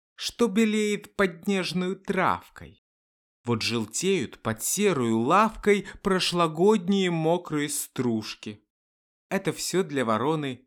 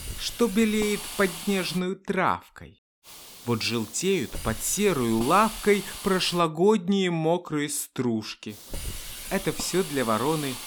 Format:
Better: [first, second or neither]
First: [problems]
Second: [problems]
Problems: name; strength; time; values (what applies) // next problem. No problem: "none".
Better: first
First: none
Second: hiss; noticeable; until 2 s, from 3 to 6.5 s and from 8.5 s on; 10 dB below the speech